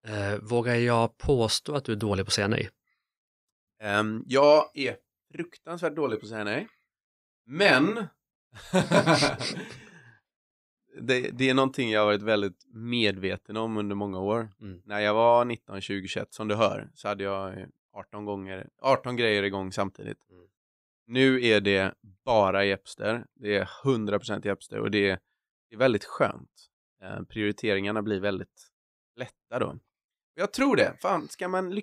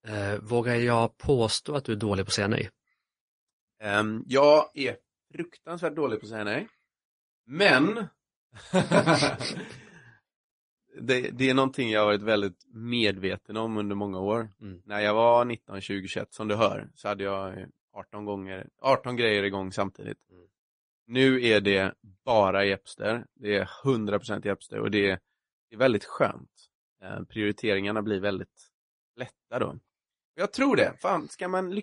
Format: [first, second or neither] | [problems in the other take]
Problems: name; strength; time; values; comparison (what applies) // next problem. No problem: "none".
first | garbled, watery; slightly; nothing above 10.5 kHz